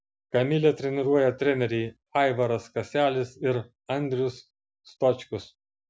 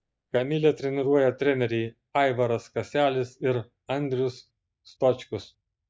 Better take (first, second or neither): first